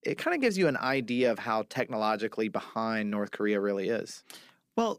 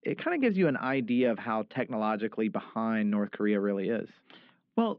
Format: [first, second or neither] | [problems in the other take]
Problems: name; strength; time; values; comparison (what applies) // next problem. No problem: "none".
first | muffled; very; fading above 3.5 kHz